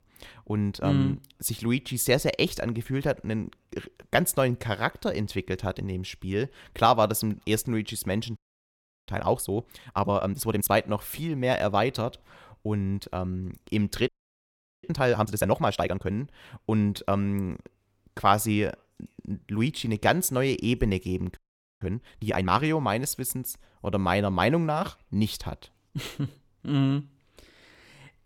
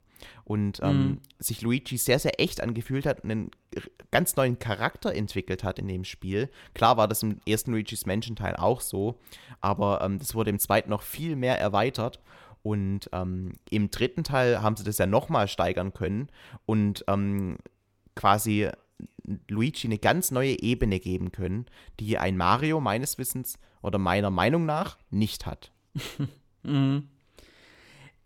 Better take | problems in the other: second | audio freezing; at 8.5 s for 0.5 s, at 14 s for 1 s and at 21 s

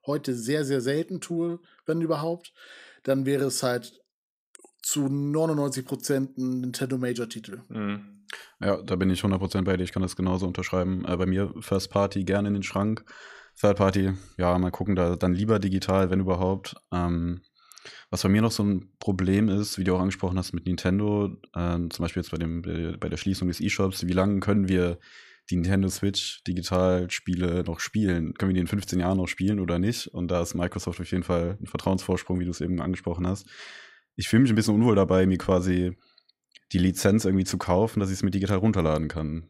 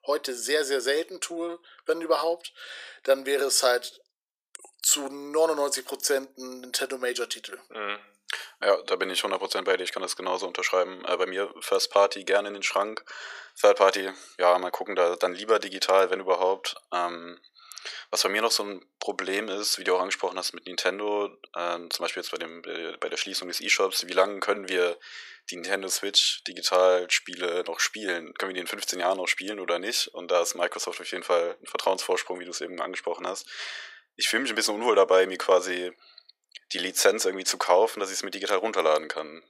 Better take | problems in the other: first | thin; very; fading below 450 Hz

